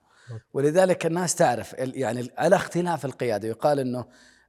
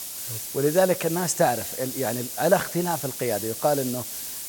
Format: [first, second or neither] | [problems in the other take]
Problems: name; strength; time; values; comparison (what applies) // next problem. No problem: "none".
first | hiss; loud; throughout; 6 dB below the speech